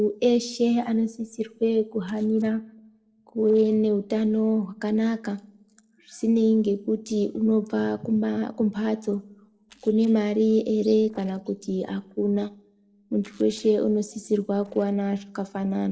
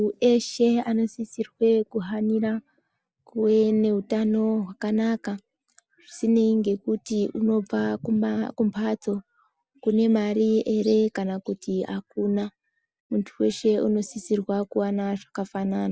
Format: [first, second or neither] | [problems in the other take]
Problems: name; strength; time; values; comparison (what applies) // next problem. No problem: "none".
second | noise reduction (neural separator model SepFormer DNS4)